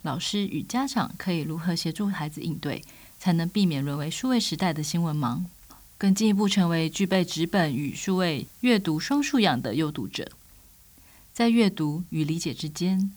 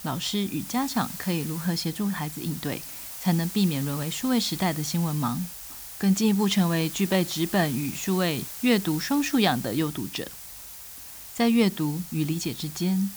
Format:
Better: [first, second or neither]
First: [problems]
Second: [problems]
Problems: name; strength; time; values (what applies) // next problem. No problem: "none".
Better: first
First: hiss; faint; throughout; 25 dB below the speech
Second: hiss; loud; throughout; 9 dB below the speech